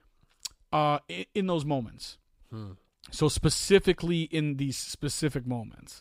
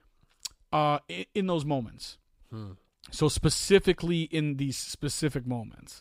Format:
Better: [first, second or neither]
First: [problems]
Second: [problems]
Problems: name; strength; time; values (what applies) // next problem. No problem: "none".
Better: neither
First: none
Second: none